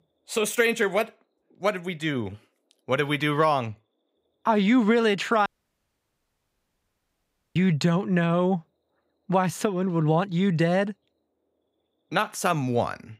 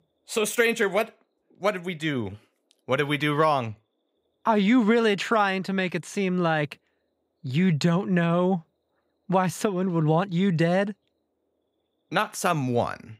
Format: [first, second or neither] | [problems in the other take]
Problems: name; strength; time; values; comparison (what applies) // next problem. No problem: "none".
second | audio cutting out; at 5.5 s for 2 s